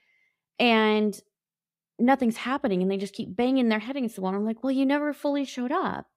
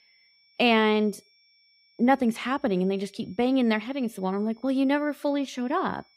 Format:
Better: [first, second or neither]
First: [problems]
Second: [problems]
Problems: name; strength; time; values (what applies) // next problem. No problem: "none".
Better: first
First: none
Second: high-pitched whine; faint; throughout; 5.5 kHz, 35 dB below the speech